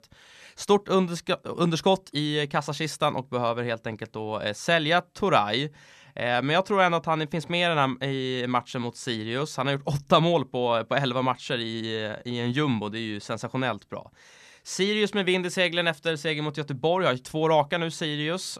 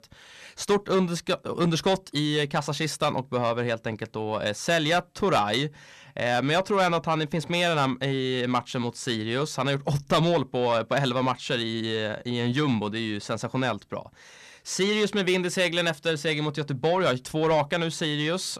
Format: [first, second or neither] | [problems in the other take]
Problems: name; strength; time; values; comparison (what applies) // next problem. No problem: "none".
first | distortion; slight; 10 dB below the speech